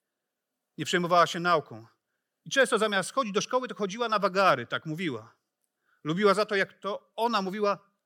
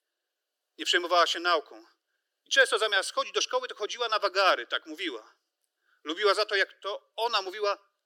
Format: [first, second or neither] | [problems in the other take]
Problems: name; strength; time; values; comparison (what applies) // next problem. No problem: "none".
first | thin; very; fading below 300 Hz